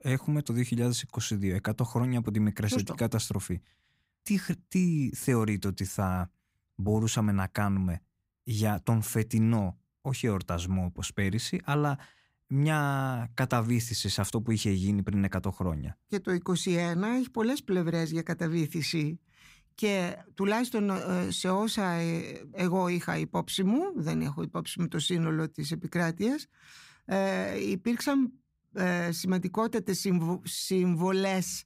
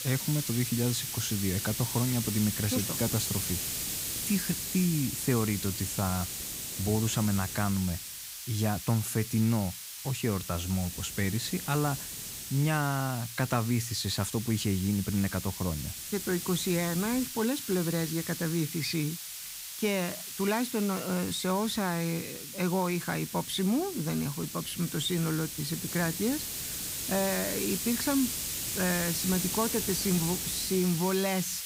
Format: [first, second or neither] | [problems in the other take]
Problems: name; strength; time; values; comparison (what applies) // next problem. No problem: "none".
first | hiss; loud; throughout; 4 dB below the speech